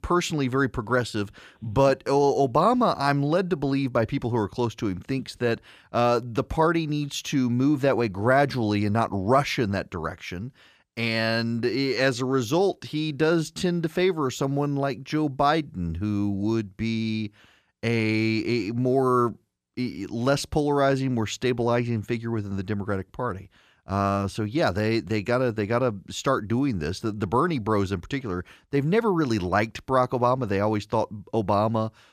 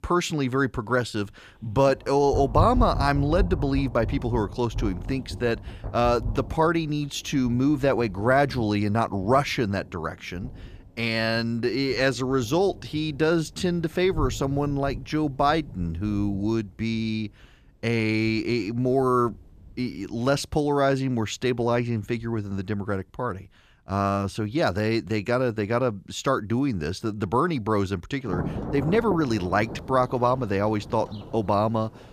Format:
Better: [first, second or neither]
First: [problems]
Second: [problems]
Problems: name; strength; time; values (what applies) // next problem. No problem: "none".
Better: first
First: none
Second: rain or running water; noticeable; throughout; 10 dB below the speech